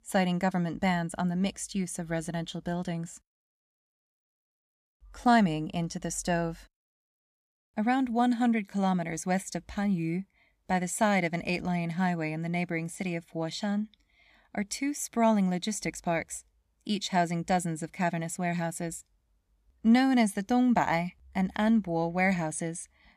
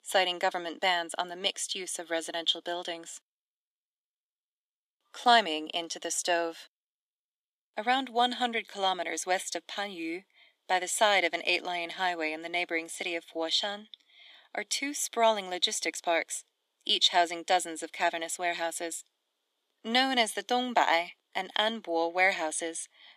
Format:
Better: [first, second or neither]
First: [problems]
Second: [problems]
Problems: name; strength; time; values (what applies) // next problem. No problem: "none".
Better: first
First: none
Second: thin; very; fading below 350 Hz